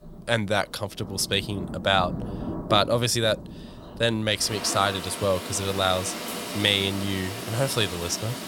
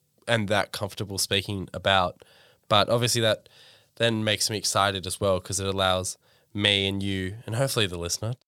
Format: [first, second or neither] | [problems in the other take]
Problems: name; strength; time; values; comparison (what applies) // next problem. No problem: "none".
second | rain or running water; loud; throughout; 9 dB below the speech